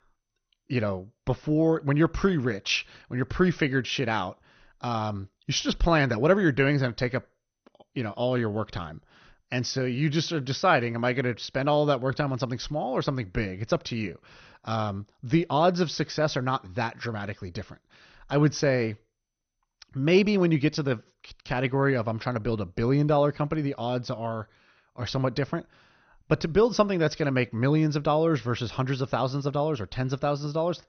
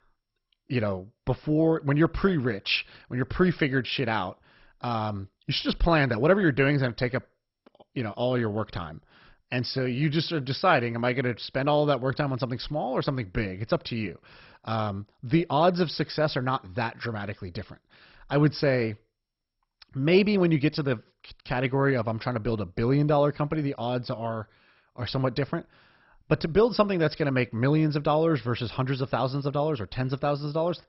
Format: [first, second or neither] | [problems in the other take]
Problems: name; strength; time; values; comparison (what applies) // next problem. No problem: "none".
first | garbled, watery; badly; nothing above 5.5 kHz; slightly in the first